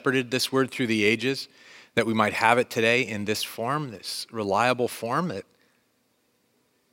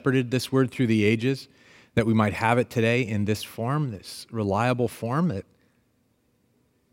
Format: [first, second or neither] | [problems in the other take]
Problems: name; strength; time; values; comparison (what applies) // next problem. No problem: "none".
second | thin; somewhat; fading below 1 kHz